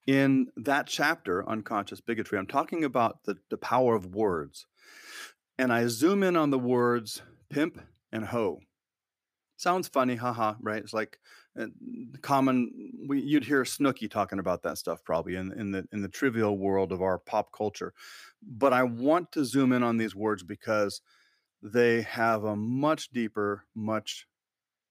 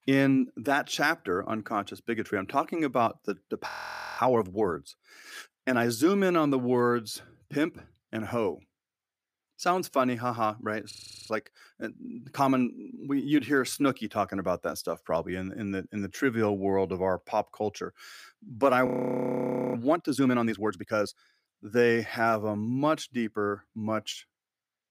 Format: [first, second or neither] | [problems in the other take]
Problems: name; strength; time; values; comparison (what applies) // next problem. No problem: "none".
first | audio freezing; at 3.5 s, at 11 s and at 19 s for 1 s